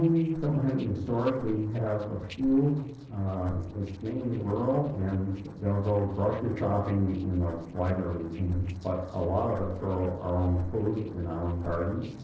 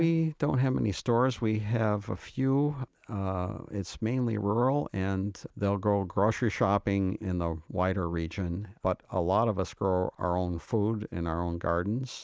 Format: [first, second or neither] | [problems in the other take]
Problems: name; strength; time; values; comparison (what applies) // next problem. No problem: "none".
second | noise reduction (neural separator model SepFormer DNS4)